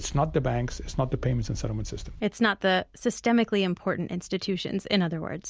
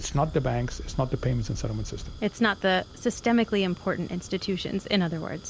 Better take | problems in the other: first | background sound (Fire); 19 dB below the speech

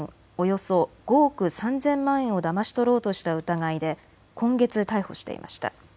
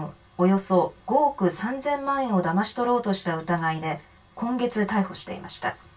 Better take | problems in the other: first | room echo; dies away in 0.2 s

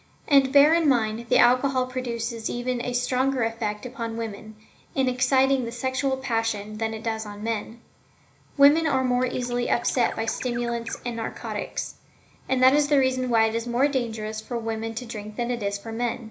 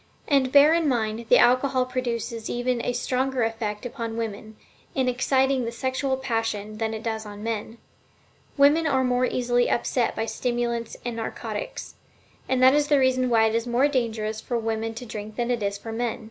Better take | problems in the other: second | background sound (Bird); 17 dB below the speech // room echo; dies away in 0.4 s

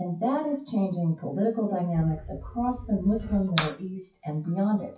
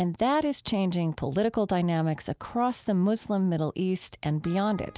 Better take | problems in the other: second | noise reduction (classical method WPE with log-MMSE)

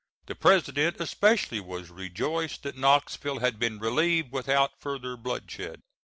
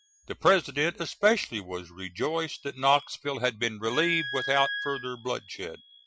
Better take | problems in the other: first | noise reduction (classical method Wiener filter)

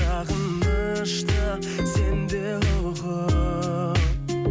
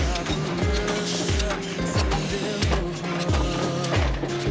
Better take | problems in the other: first | background sound (Hiss); 4 dB below the speech

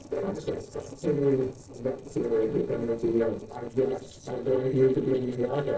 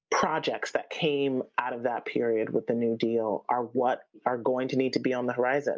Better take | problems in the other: second | noise reduction (neural separator model SepFormer DNS4)

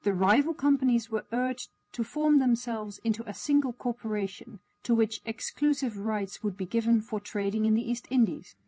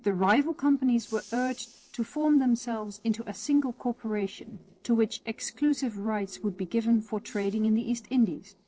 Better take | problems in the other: first | noise reduction (neural separator model SepFormer DNS4)

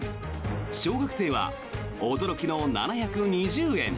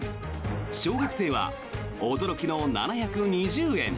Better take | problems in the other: first | background sound (Bark); 15 dB below the speech

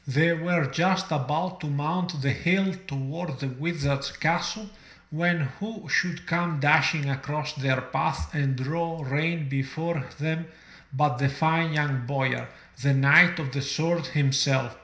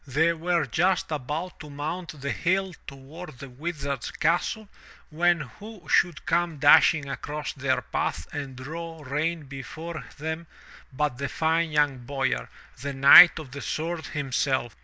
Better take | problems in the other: second | room echo; dies away in 0.5 s

